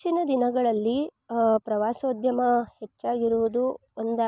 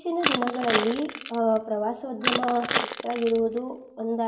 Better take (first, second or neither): first